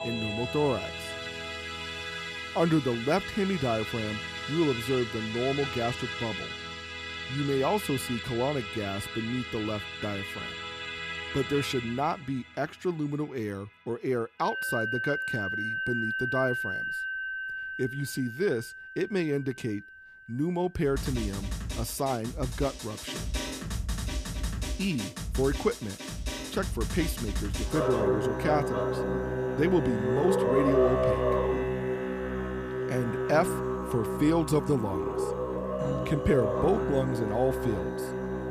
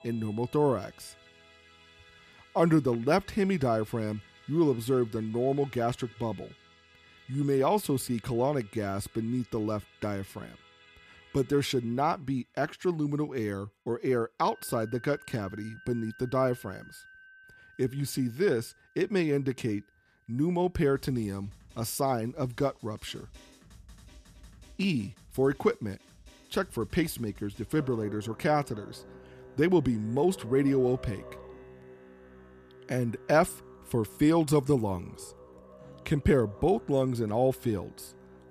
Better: second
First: background music; loud; throughout; 2 dB below the speech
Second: background music; faint; throughout; 25 dB below the speech

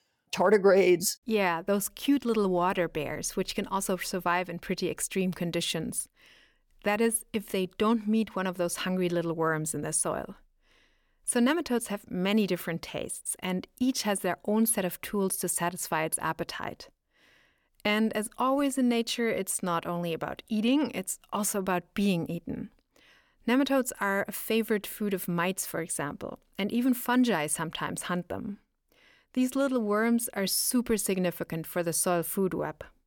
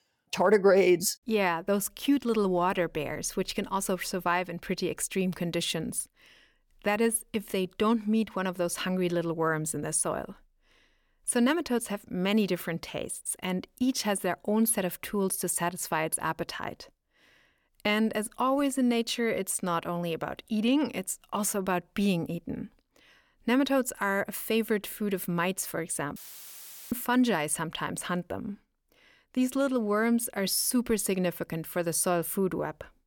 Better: first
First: none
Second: audio cutting out; filled with static; at 26 s for 1 s

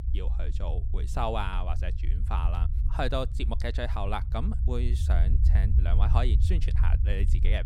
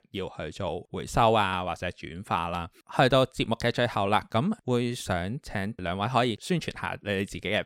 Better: second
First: low rumble; noticeable; throughout; 10 dB below the speech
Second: none

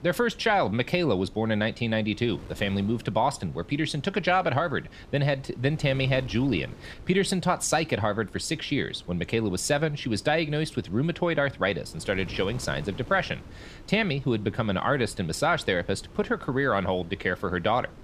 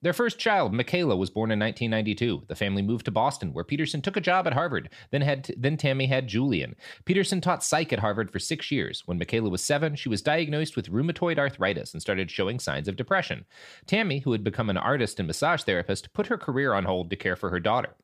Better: second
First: wind noise on the microphone; occasional gusts; 25 dB below the speech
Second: none

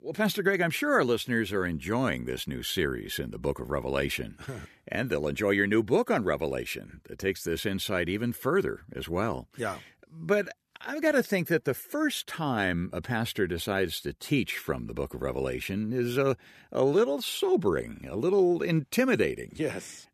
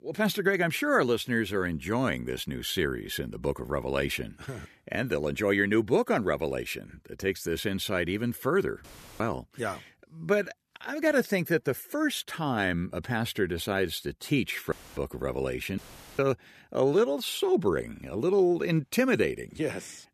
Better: first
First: none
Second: audio cutting out; filled with static; at 9 s, at 15 s and at 16 s

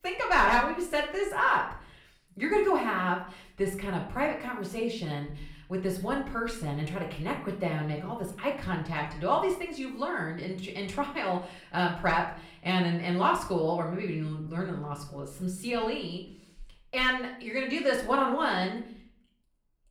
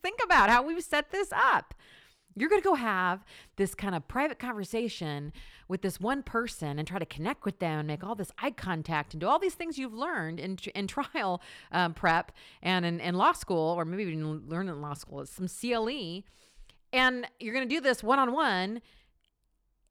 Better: second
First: off-mic speech; far // room echo; slight; dies away in 0.5 s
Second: none

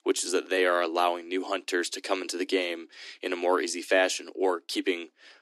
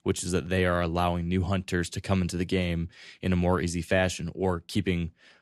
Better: second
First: thin; somewhat; fading below 300 Hz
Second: none

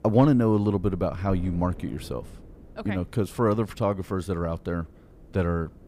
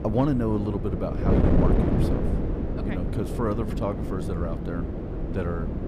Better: first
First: wind noise on the microphone; occasional gusts; 25 dB below the speech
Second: wind noise on the microphone; heavy; 1 dB below the speech

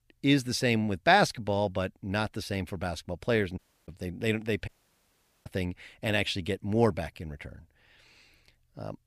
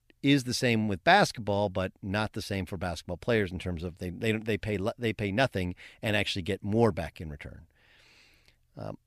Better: second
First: audio cutting out; at 3.5 s and at 4.5 s for 1 s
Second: none

